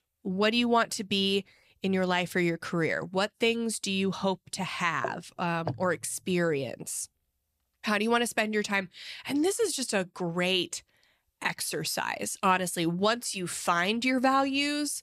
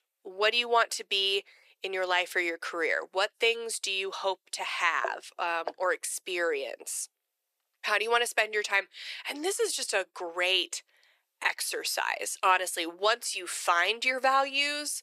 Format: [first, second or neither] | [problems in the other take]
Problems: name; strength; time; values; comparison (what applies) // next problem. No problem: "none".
first | thin; very; fading below 400 Hz